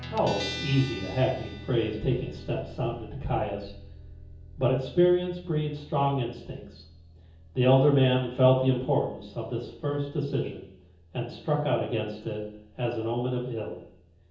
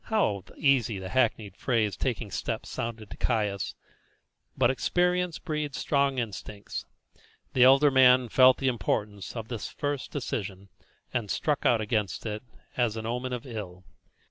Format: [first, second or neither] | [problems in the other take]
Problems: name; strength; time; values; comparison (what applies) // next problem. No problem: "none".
second | background sound (Guitar); 16 dB below the speech // room echo; dies away in 0.7 s